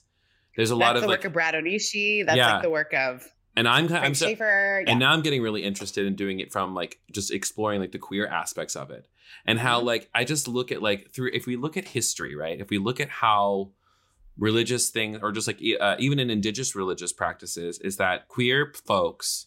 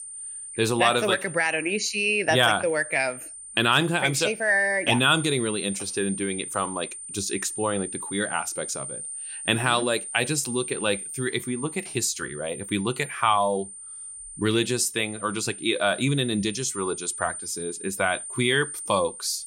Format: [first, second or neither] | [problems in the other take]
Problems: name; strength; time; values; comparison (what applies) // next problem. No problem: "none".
first | high-pitched whine; loud; throughout; 9 kHz, 10 dB below the speech